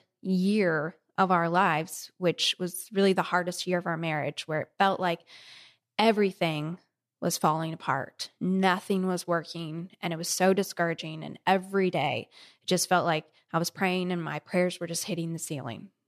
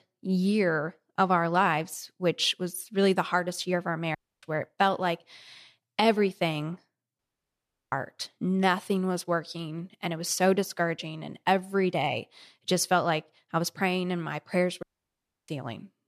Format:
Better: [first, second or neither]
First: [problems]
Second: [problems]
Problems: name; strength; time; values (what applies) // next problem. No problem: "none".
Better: first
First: none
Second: audio cutting out; at 4 s, at 7 s for 0.5 s and at 15 s for 0.5 s